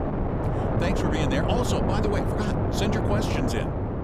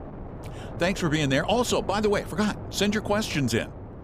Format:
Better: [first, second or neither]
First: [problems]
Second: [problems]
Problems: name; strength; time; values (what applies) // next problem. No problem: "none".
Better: second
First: wind noise on the microphone; heavy; 2 dB above the speech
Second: wind noise on the microphone; occasional gusts; 15 dB below the speech